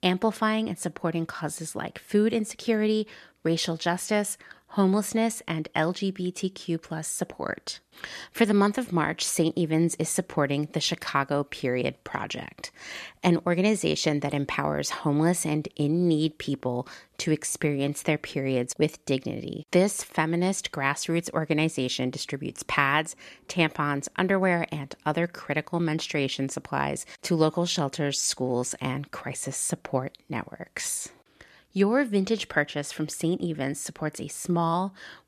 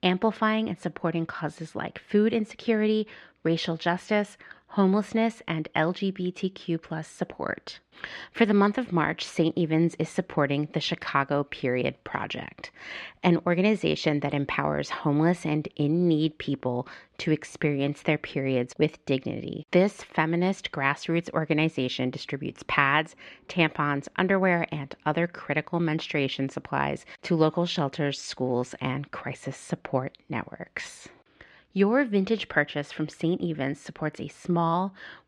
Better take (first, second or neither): first